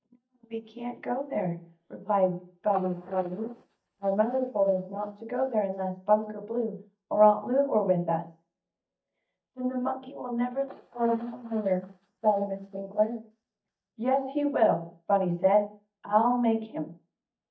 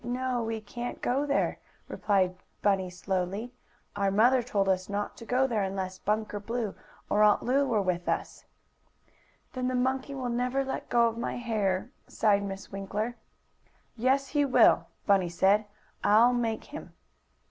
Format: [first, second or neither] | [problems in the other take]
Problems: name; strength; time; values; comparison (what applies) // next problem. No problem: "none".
second | noise reduction (neural mask model DeepFilterNet 3)